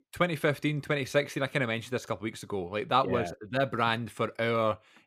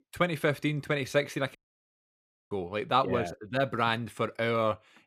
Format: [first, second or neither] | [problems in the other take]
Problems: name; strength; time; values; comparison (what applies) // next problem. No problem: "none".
first | audio cutting out; at 1.5 s for 1 s